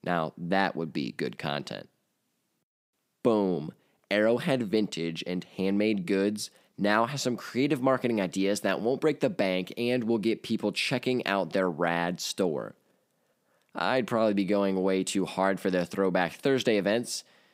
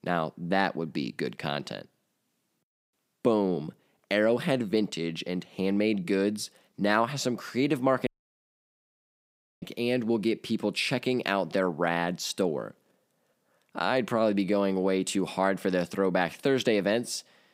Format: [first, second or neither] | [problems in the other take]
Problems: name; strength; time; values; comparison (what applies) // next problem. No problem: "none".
first | audio cutting out; at 8 s for 1.5 s